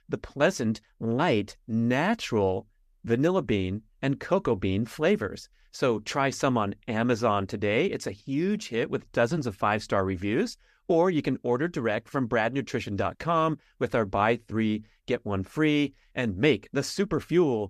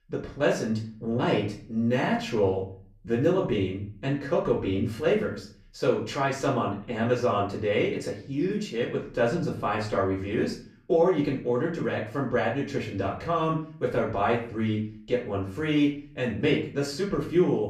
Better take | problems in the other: first | off-mic speech; far // room echo; slight; dies away in 0.4 s

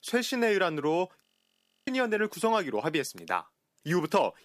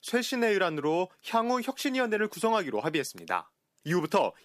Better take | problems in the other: second | audio freezing; at 1 s for 0.5 s

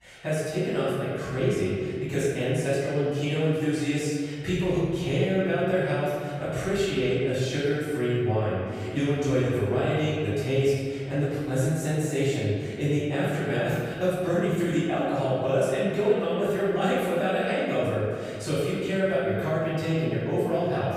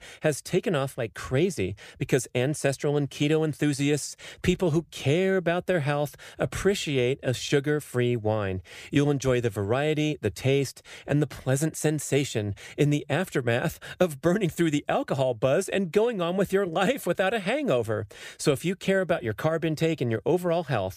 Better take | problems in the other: second | off-mic speech; far // room echo; strong; dies away in 1.9 s

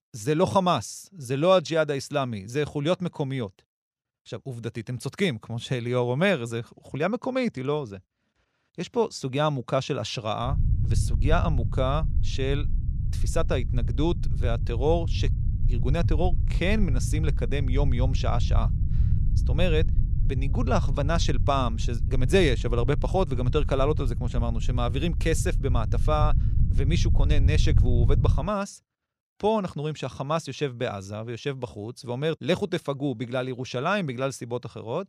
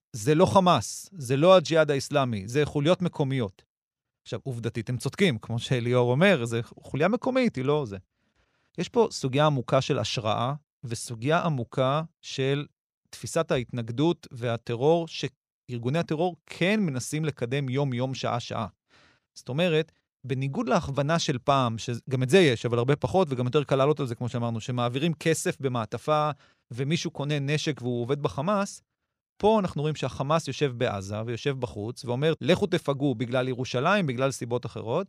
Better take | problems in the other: second | low rumble; noticeable; from 10 to 28 s; 15 dB below the speech

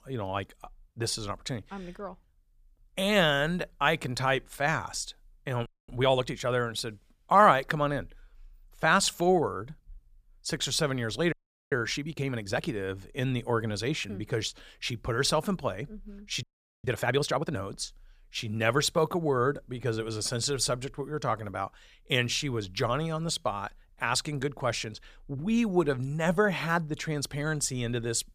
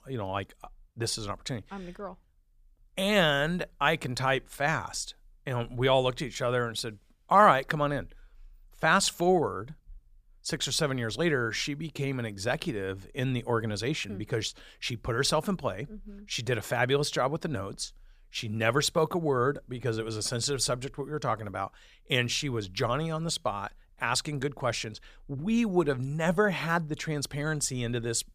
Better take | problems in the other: second | audio freezing; at 5.5 s, at 11 s and at 16 s

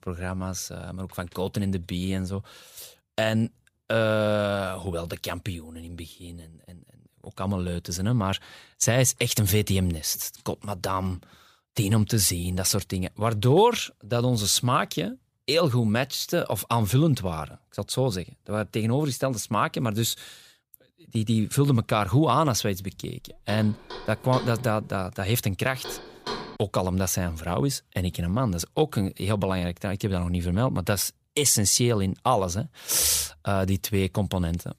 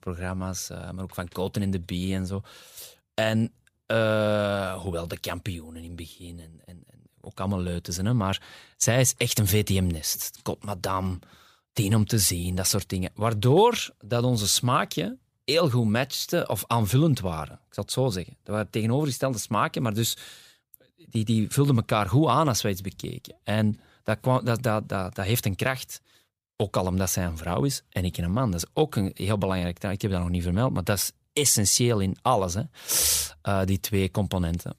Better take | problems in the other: second | door banging; noticeable; from 23 to 27 s; peak 8 dB below the speech

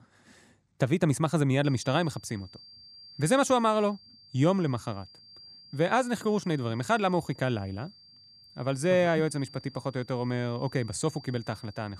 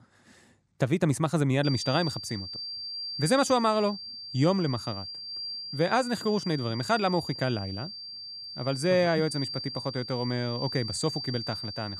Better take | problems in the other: first | high-pitched whine; loud; from 1.5 s on; 4.5 kHz, 7 dB below the speech; faint in the first

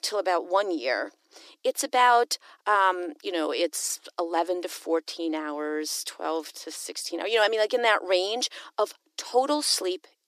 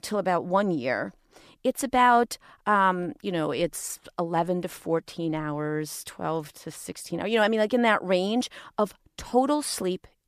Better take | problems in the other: second | thin; somewhat; fading below 300 Hz

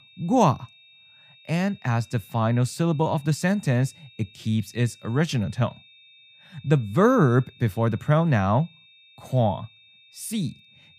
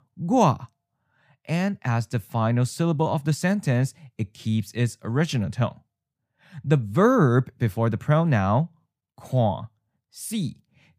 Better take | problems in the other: second | high-pitched whine; faint; throughout; 3.5 kHz, 25 dB below the speech

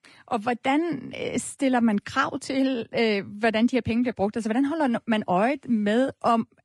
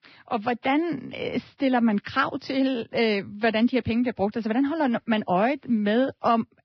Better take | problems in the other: first | garbled, watery; badly; nothing above 5 kHz; slightly in the first

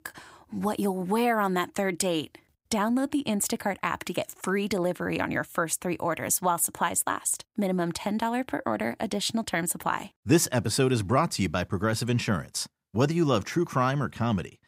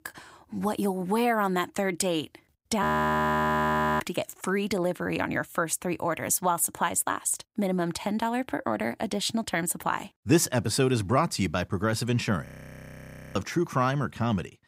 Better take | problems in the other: first | audio freezing; at 3 s for 1 s and at 12 s for 1 s

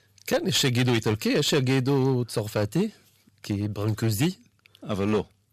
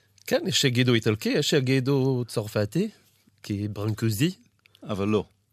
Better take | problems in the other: second | distortion; slight; 8% of the sound clipped

